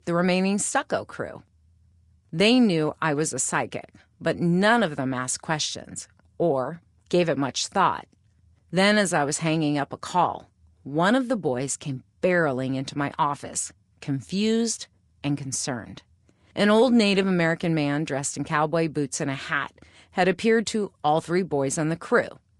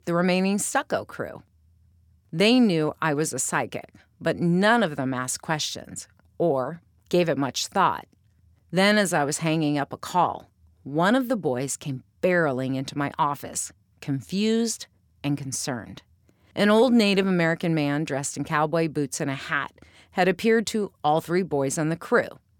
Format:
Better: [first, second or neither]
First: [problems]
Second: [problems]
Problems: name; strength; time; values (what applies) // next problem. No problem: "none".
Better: second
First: garbled, watery; slightly; nothing above 10 kHz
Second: none